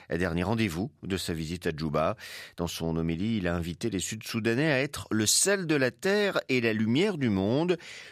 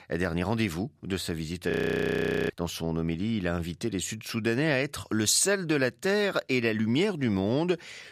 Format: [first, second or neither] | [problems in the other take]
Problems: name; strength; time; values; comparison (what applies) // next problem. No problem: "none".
first | audio freezing; at 1.5 s for 1 s